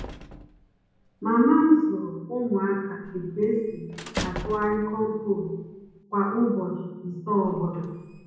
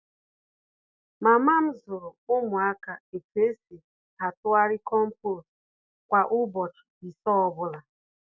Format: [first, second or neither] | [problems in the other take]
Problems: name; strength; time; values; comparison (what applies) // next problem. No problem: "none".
second | background sound (Squeak / Slam / Human group actions); 16 dB below the speech // room echo; dies away in 1.1 s